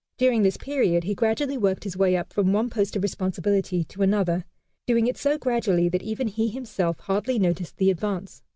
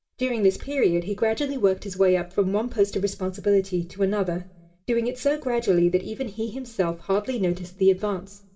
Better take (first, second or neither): first